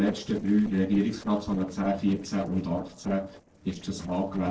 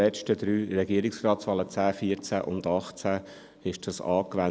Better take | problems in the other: second | noise reduction (neural separator model SepFormer DNS4)

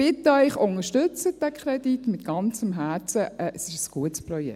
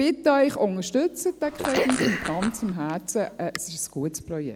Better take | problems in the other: first | background sound (Fart + Cough); 5 dB below the speech

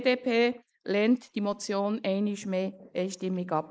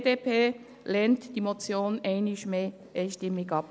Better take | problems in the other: second | noise reduction (neural mask model Resemble Enhance denoiser)

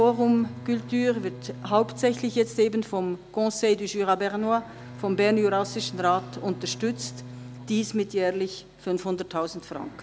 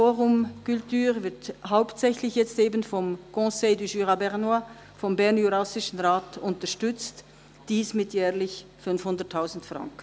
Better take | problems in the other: second | background sound (Bowed string instrument); 16 dB below the speech

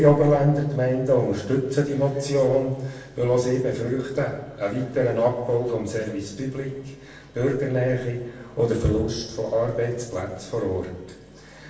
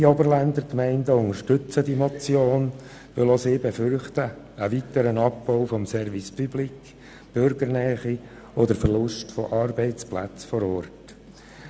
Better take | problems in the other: second | room echo; dies away in 0.8 s

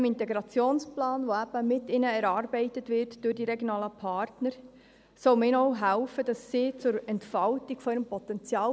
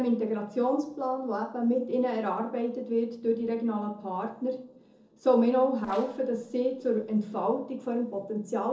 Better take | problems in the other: first | noise reduction (neural separator model SepFormer DNS4)

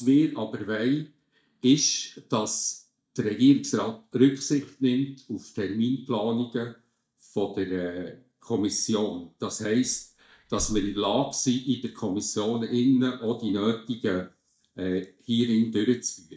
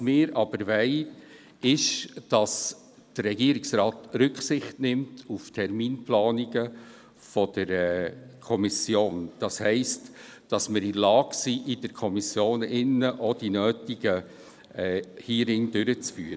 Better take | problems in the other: second | noise reduction (neural mask model DeepFilterNet 3)

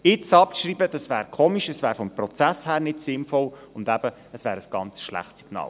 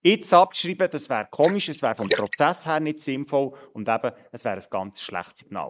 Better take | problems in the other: first | noise reduction (neural mask model Resemble Enhance denoiser)

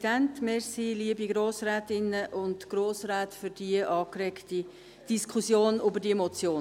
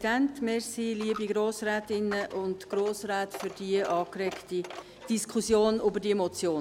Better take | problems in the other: first | background sound (Coin (dropping)); 17 dB below the speech

